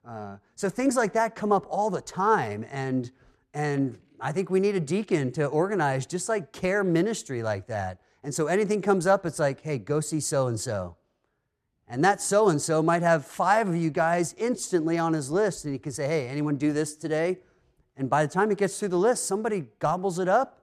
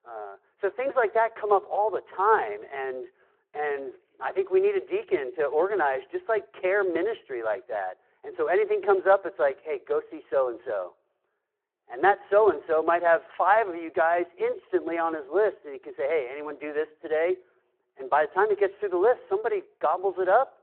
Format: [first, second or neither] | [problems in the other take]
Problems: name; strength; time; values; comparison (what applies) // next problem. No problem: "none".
first | phone-call audio